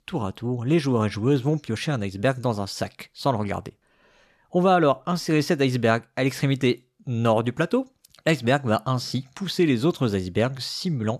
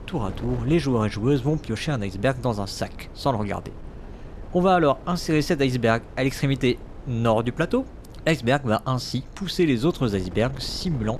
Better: first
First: none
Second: wind noise on the microphone; occasional gusts; 20 dB below the speech

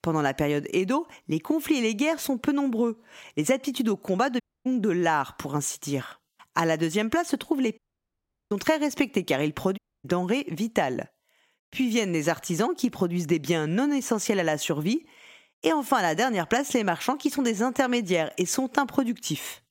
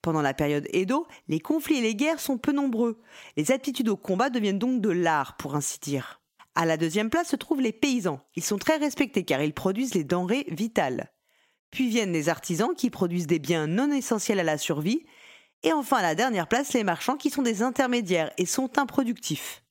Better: second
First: audio cutting out; at 4.5 s, at 8 s for 0.5 s and at 10 s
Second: none

